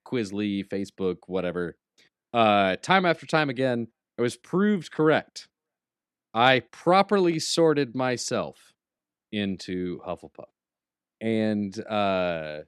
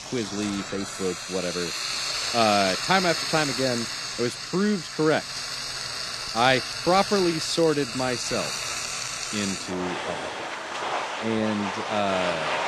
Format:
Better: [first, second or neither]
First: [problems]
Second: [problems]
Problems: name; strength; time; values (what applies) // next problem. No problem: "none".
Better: first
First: none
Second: household noises; loud; throughout; 3 dB below the speech